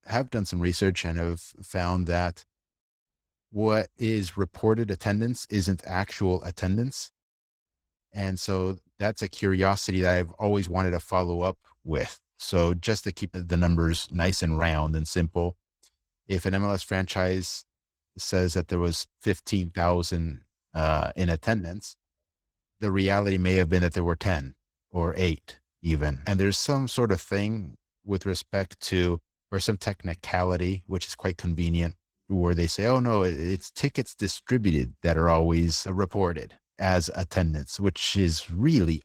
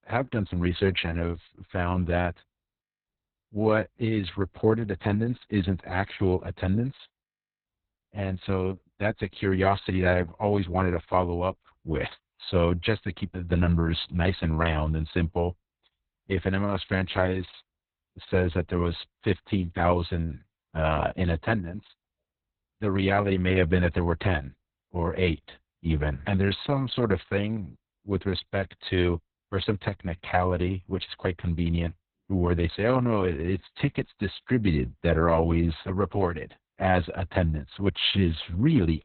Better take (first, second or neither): first